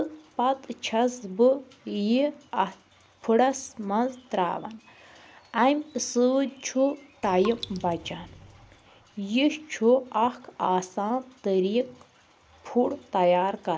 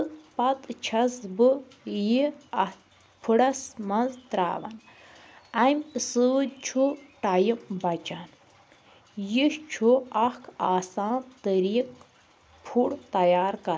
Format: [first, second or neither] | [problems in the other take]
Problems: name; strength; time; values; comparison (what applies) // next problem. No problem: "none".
second | background sound (Raindrop); 18 dB below the speech